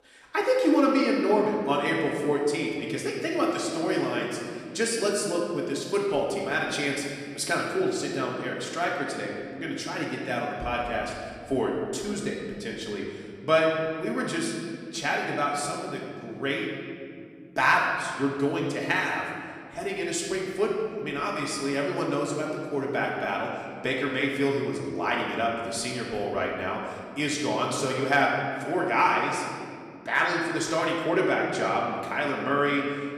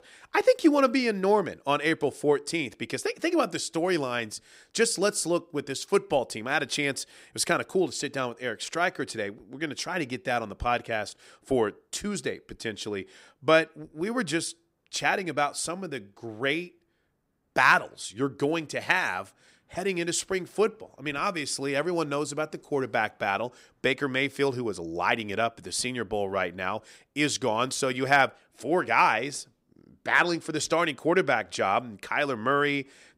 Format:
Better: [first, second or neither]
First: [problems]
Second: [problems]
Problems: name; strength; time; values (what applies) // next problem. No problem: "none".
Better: second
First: room echo; noticeable; dies away in 2 s // off-mic speech; far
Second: none